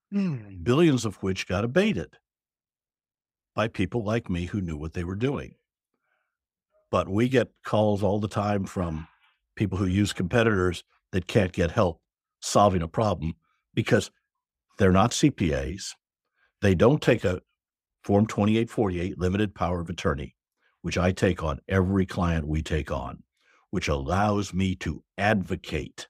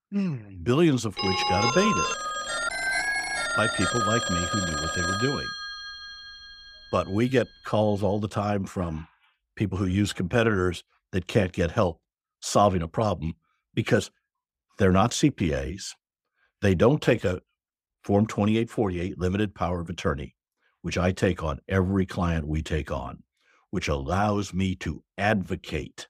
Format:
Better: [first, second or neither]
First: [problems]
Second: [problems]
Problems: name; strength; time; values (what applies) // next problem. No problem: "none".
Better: first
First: none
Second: phone ringing; loud; from 1 to 6 s; peak 2 dB above the speech